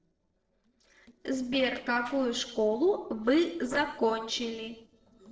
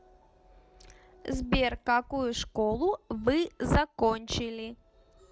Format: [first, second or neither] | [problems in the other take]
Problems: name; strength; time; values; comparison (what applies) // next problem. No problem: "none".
second | noise reduction (neural separator model SepFormer DNS4)